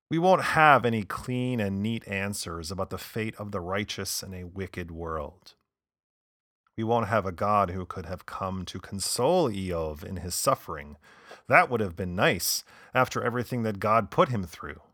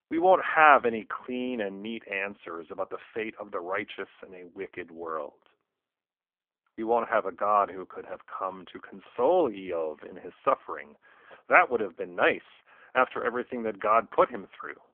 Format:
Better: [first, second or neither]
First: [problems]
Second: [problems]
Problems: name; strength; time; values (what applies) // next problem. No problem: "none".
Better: first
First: none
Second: phone-call audio; poor line